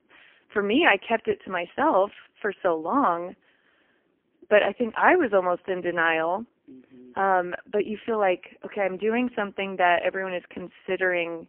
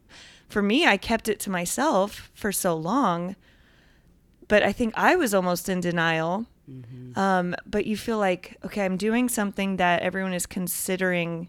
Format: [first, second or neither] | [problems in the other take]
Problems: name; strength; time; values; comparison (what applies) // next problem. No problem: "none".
second | phone-call audio; poor line; nothing above 3 kHz